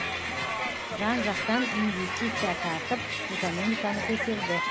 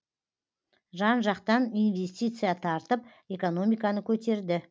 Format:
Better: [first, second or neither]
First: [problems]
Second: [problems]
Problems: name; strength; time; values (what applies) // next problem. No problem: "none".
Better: second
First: background sound (Crowd); as loud as the speech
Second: none